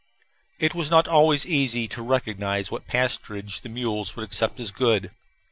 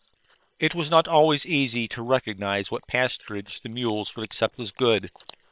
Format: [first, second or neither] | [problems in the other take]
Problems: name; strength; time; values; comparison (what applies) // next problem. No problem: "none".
first | noise reduction (neural separator model SepFormer WHAM!)